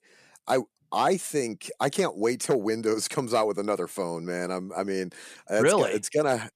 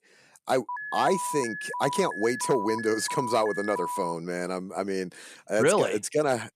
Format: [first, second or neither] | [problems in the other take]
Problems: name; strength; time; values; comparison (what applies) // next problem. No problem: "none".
first | alarm; noticeable; from 0.5 to 4 s; peak 5 dB below the speech